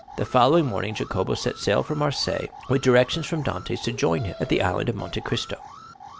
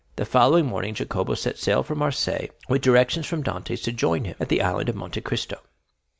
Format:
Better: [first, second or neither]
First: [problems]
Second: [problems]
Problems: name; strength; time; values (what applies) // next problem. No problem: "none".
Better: second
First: background sound (Alarm); 18 dB below the speech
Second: none